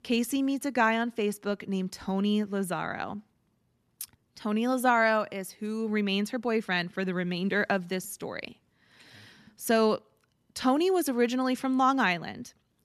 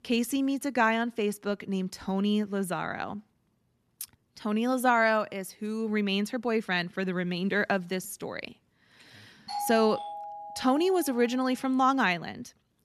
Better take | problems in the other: first | doorbell; noticeable; from 9.5 to 11 s; peak 6 dB below the speech

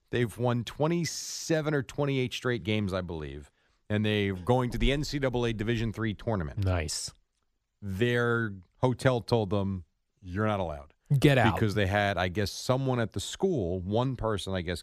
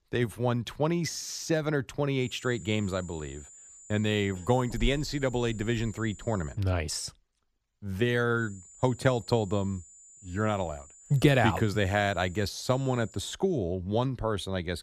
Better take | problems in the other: first | high-pitched whine; faint; from 2 to 6.5 s and from 8.5 to 13 s; 7 kHz, 20 dB below the speech

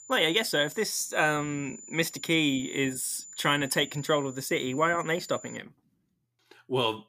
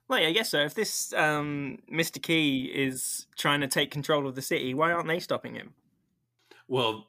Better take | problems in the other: second | high-pitched whine; noticeable; until 5.5 s; 7 kHz, 15 dB below the speech

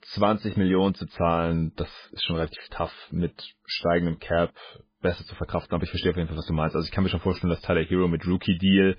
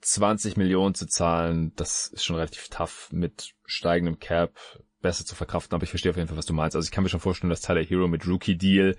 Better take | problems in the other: second | garbled, watery; badly; nothing above 5 kHz; slightly in the second

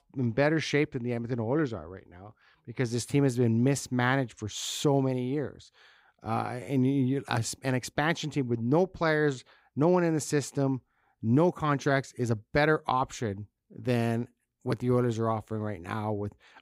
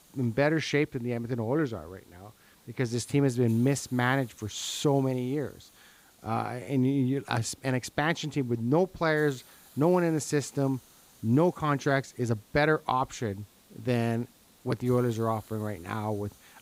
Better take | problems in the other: first | hiss; faint; throughout; 25 dB below the speech

